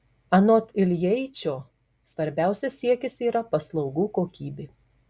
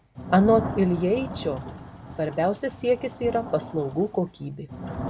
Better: first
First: none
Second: background sound (Thunder / Rain); 10 dB below the speech

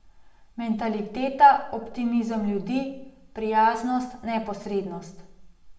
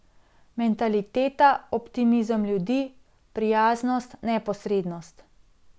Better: second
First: room echo; dies away in 0.6 s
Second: none

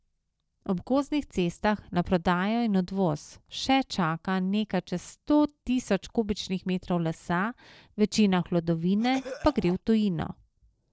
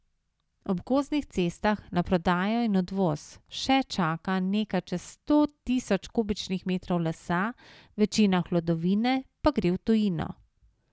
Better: second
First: noise reduction (neural separator model SepFormer DNS4)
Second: none

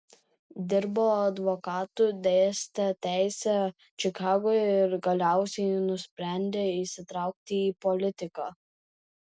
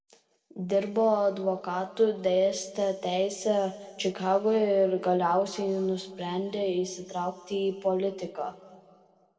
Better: first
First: none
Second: room echo; dies away in 1.8 s

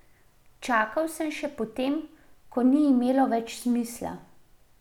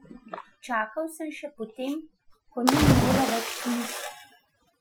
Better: first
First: none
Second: noise reduction (classical method Wiener filter)

